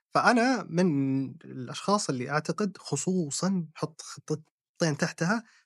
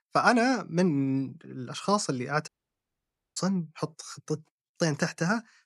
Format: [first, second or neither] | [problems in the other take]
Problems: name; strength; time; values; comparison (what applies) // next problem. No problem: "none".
first | audio cutting out; at 2.5 s for 1 s